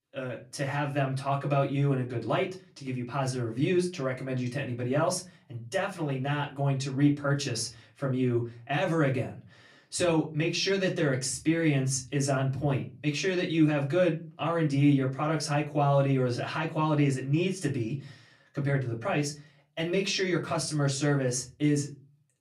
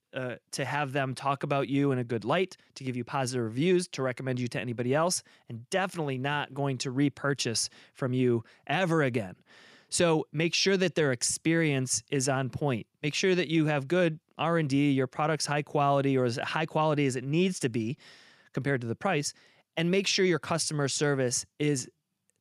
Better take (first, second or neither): second